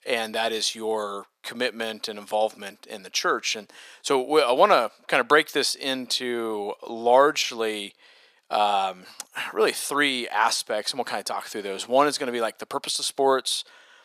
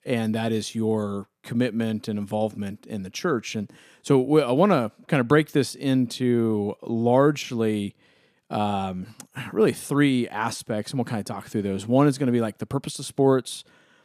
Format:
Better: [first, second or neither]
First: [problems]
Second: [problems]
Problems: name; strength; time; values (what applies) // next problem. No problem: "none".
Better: second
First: thin; very; fading below 700 Hz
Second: none